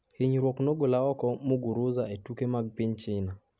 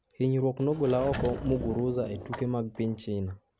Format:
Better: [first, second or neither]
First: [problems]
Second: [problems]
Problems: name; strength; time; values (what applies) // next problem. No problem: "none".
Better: first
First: none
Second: background sound (Sliding door / Wood); 9 dB below the speech